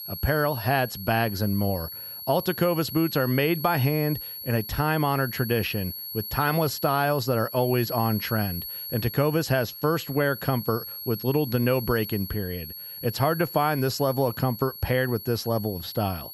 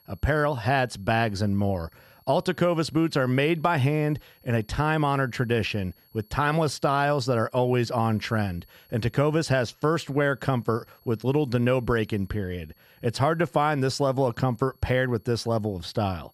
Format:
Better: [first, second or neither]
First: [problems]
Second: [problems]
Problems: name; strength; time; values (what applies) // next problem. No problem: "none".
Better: second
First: high-pitched whine; loud; throughout; 11.5 kHz, 9 dB below the speech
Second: high-pitched whine; faint; throughout; 11.5 kHz, 35 dB below the speech